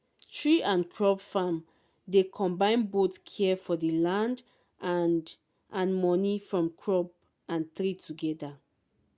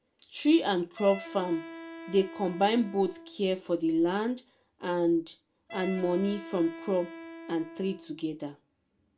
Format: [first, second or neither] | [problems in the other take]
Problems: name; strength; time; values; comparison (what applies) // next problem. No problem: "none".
first | background sound (Wind instrument, woodwind instrument); 16 dB below the speech // room echo; dies away in 0.2 s